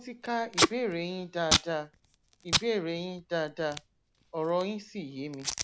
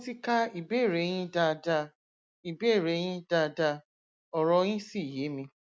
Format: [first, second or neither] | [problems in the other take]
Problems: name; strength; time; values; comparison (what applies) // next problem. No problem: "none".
second | background sound (Packing tape, duct tape); 1 dB below the speech